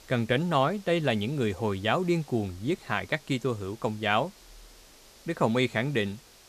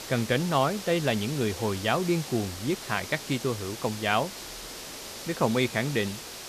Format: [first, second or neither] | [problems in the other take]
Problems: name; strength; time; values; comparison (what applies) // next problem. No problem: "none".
first | hiss; loud; throughout; 10 dB below the speech; faint in the first